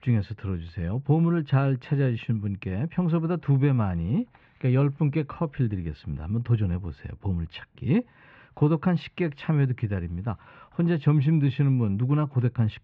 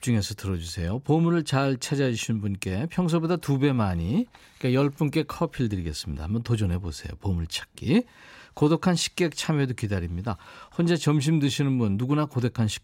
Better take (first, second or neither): second